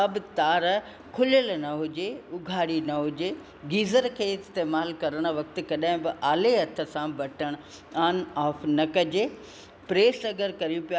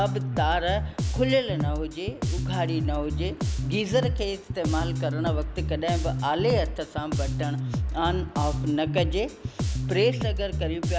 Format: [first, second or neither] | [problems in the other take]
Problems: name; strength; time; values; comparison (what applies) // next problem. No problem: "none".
first | background sound (Bass guitar); as loud as the speech